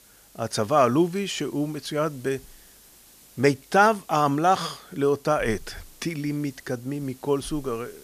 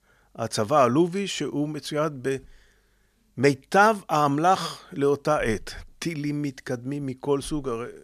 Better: second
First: hiss; faint; throughout; 25 dB below the speech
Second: none

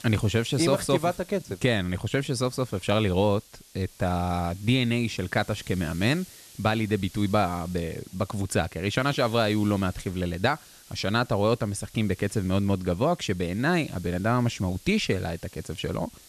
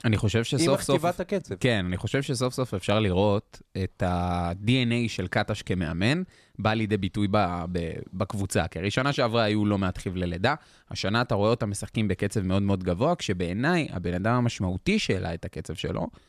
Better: second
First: hiss; faint; throughout; 20 dB below the speech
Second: none

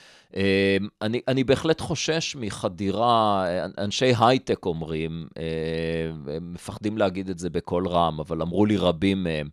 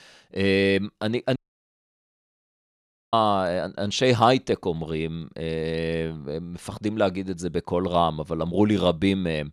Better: first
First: none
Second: audio cutting out; at 1.5 s for 2 s

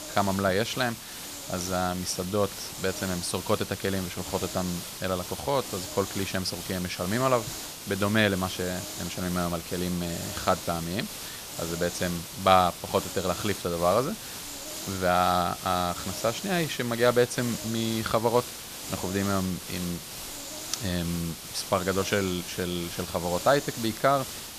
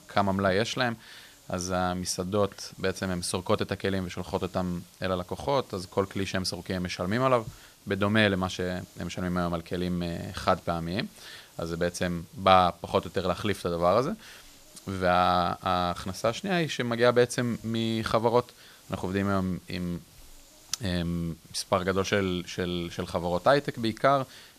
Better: second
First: hiss; loud; throughout; 8 dB below the speech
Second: hiss; faint; throughout; 25 dB below the speech

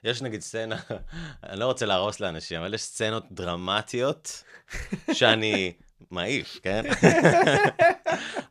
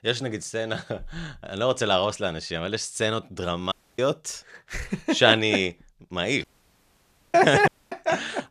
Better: first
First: none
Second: audio cutting out; at 3.5 s, at 6.5 s for 1 s and at 7.5 s

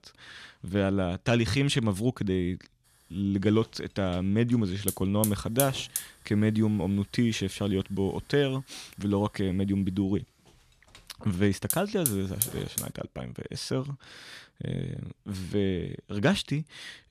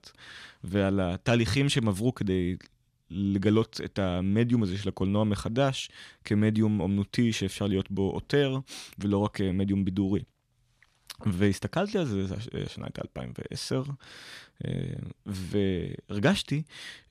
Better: second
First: hiss; loud; from 3 to 13 s; 4 dB below the speech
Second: none

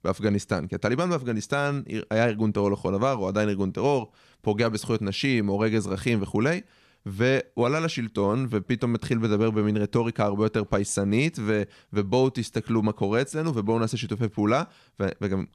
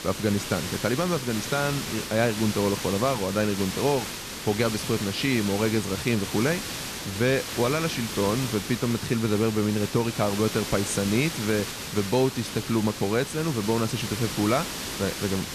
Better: first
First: none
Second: hiss; loud; throughout; 6 dB below the speech

